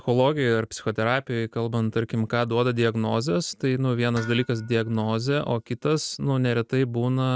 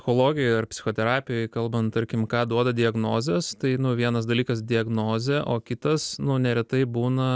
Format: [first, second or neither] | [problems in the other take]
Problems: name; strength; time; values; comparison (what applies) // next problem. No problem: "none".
second | noise reduction (neural mask model RNNoise)